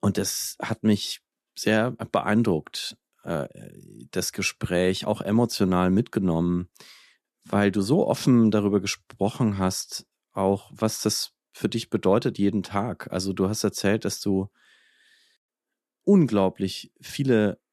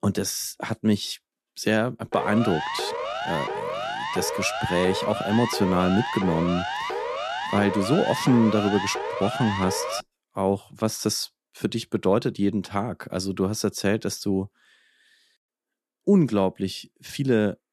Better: first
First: none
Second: siren; noticeable; from 2 to 10 s; peak 3 dB below the speech

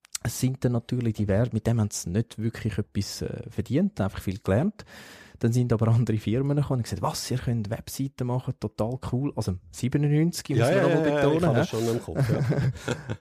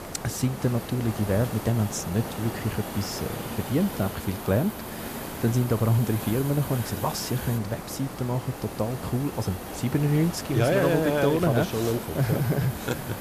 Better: first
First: none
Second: hiss; loud; throughout; 9 dB below the speech

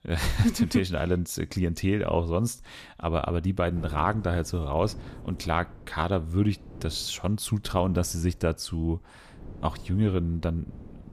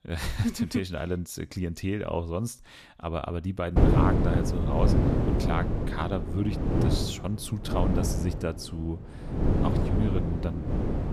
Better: first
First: wind noise on the microphone; occasional gusts; from 4 s on; 20 dB below the speech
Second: wind noise on the microphone; heavy; from 4 s on; 1 dB above the speech

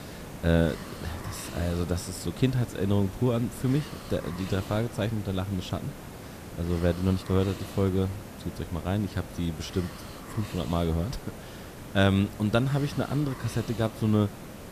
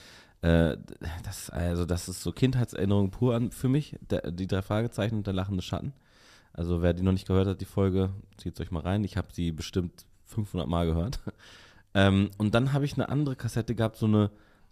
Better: second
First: hiss; noticeable; throughout; 10 dB below the speech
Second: none

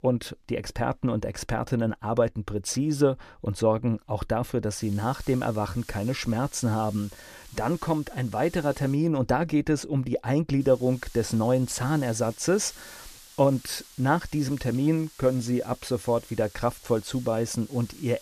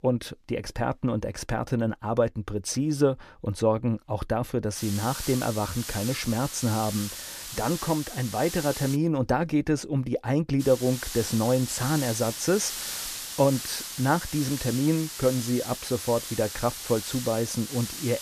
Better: first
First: hiss; faint; from 5 to 9 s and from 11 s on; 20 dB below the speech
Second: hiss; loud; from 5 to 9 s and from 11 s on; 7 dB below the speech

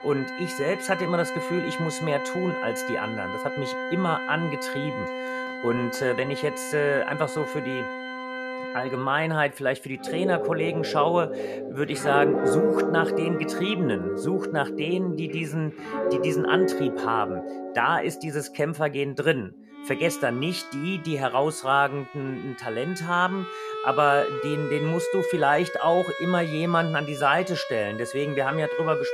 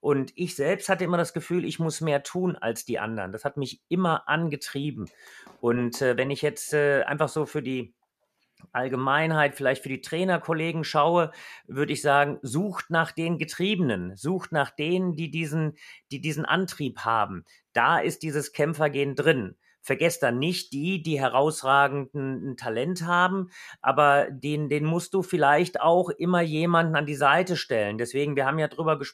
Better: second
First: background music; loud; throughout; 4 dB below the speech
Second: none

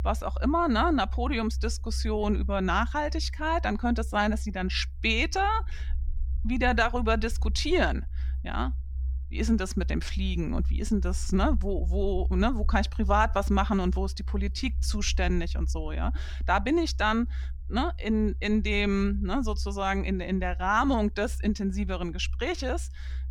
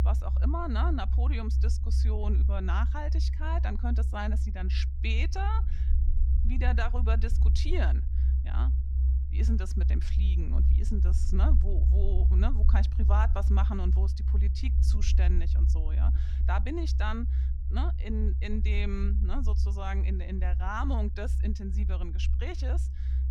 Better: first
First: low rumble; faint; throughout; 25 dB below the speech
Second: low rumble; loud; throughout; 8 dB below the speech

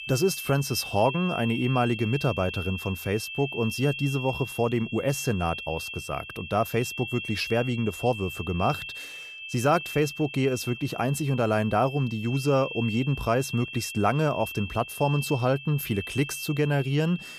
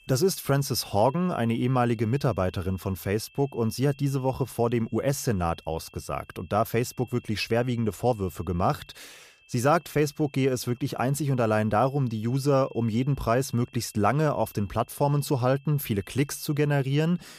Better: second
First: high-pitched whine; loud; throughout; 2.5 kHz, 9 dB below the speech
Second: high-pitched whine; faint; throughout; 2.5 kHz, 30 dB below the speech

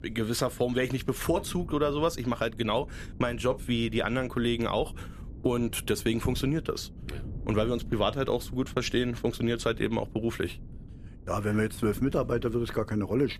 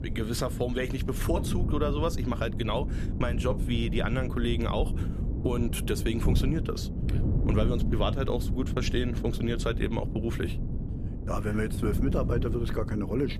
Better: first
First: wind noise on the microphone; occasional gusts; 25 dB below the speech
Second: wind noise on the microphone; heavy; 8 dB below the speech

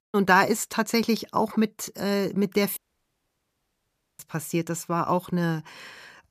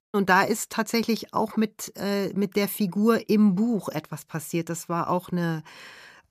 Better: second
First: audio cutting out; at 3 s for 1.5 s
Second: none

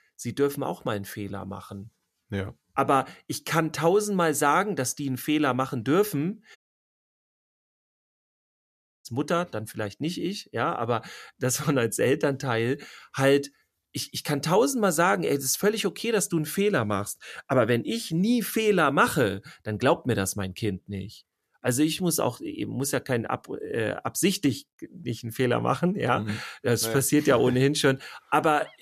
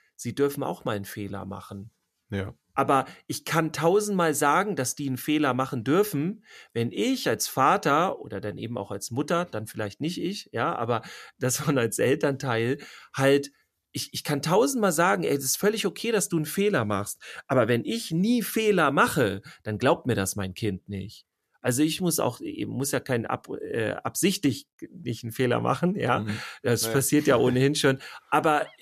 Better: second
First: audio cutting out; at 6.5 s for 2.5 s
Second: none

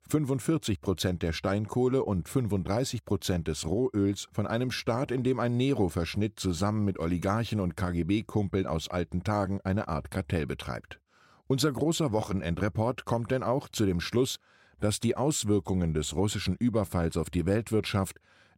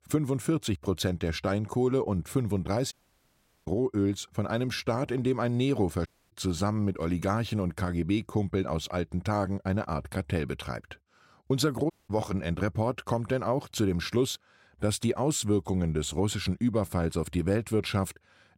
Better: first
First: none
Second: audio cutting out; at 3 s for 0.5 s, at 6 s and at 12 s

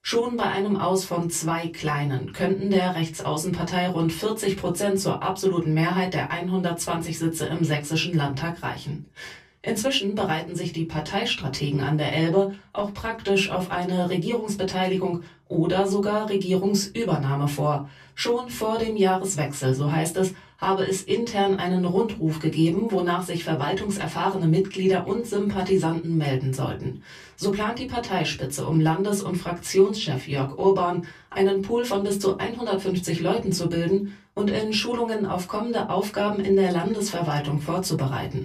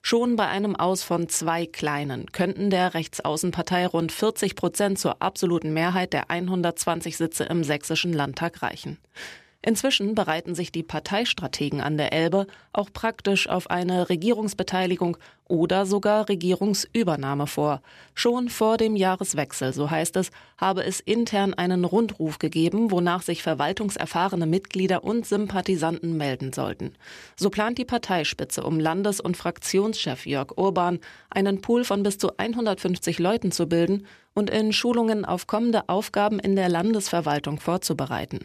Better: second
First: off-mic speech; far // room echo; very slight; dies away in 0.2 s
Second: none

